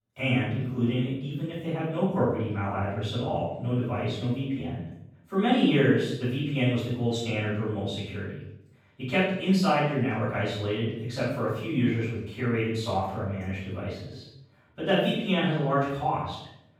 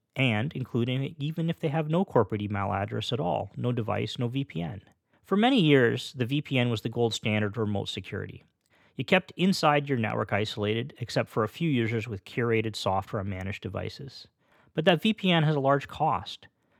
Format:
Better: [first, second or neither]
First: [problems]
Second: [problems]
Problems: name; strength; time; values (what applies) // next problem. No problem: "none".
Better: second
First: room echo; strong; dies away in 0.7 s // off-mic speech; far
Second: none